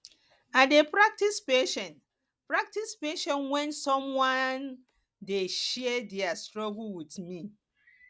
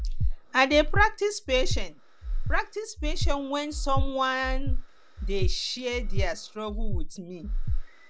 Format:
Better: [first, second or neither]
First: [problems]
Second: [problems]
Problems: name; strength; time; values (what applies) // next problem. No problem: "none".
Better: first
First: none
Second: background sound (Breathing); 2 dB above the speech